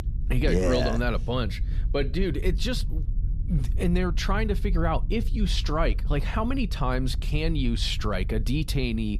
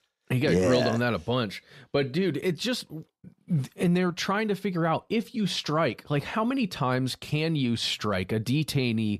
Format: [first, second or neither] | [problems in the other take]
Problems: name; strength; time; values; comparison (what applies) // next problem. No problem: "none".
second | low rumble; noticeable; throughout; 20 dB below the speech